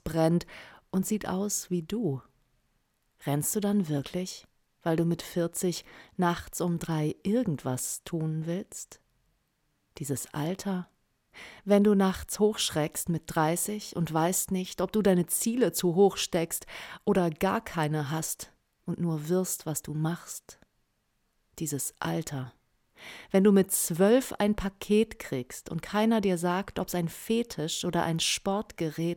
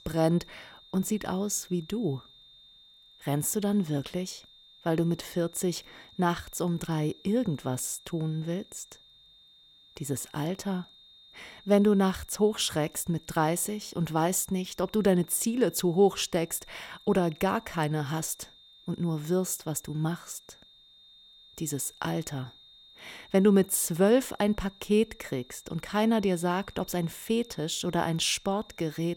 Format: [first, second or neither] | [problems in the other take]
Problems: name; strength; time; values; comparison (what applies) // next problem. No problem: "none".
first | high-pitched whine; faint; throughout; 3.5 kHz, 25 dB below the speech